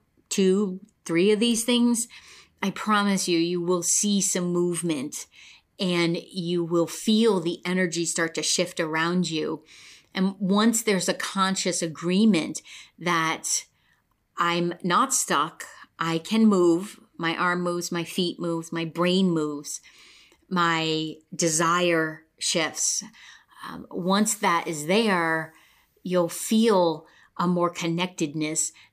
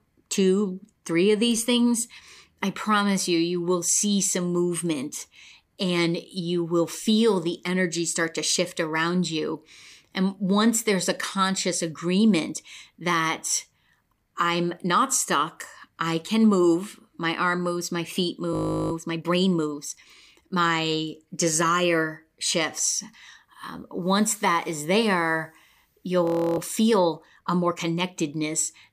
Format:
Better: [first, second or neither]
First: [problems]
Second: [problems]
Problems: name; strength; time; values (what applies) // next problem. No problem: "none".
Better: first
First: none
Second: audio freezing; at 19 s and at 26 s